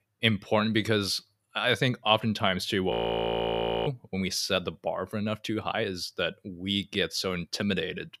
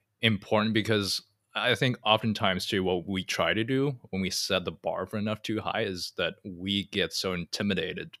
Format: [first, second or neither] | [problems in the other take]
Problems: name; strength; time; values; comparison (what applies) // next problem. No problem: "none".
second | audio freezing; at 3 s for 1 s